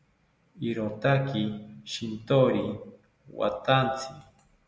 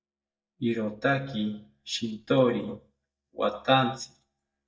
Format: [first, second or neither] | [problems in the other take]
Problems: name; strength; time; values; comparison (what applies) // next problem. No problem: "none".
first | noise reduction (neural mask model DeepFilterNet 3)